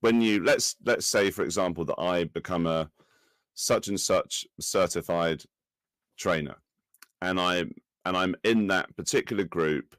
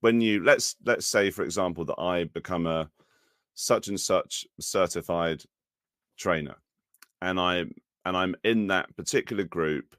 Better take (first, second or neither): second